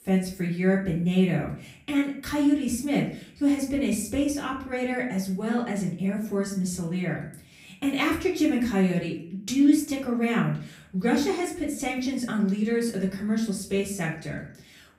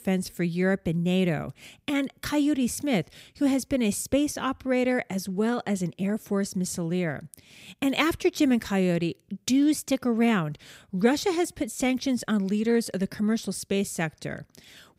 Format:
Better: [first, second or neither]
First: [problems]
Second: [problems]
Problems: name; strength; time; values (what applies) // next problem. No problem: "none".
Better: second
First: room echo; slight; dies away in 0.4 s // off-mic speech; far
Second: none